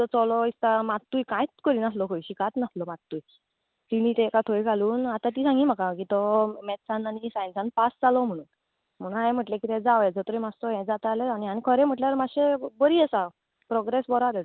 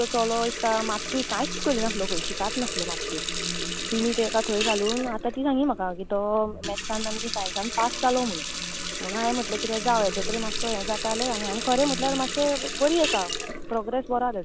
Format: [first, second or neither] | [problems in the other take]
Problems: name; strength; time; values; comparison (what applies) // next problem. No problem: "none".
first | background sound (Water tap, faucet); 4 dB below the speech